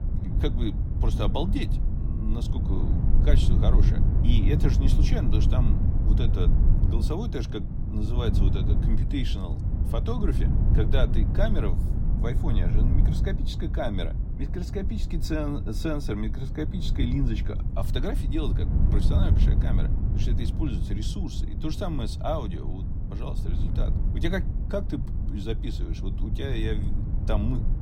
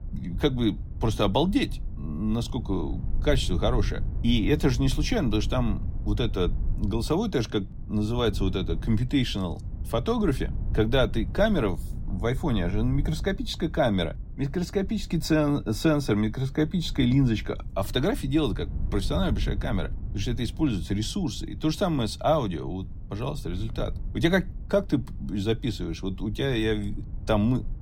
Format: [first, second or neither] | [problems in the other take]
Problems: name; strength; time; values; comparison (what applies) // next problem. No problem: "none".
second | low rumble; loud; throughout; 5 dB below the speech; faint in the second